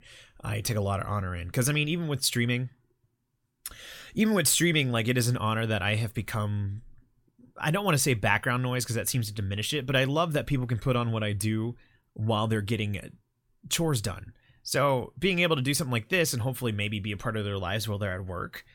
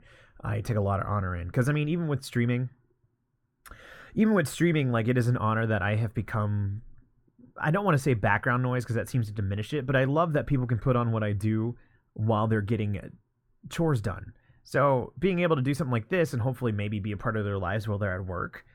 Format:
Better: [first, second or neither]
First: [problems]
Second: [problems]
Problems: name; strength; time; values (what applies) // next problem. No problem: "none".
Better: first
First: none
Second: muffled; very; fading above 2 kHz